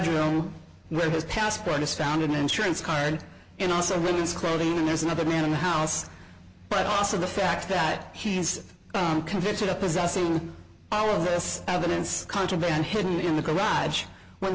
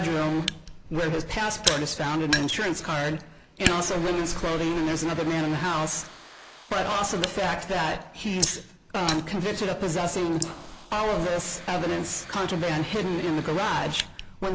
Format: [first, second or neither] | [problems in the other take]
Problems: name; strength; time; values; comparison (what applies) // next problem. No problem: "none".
first | noise reduction (neural mask model Resemble Enhance denoiser)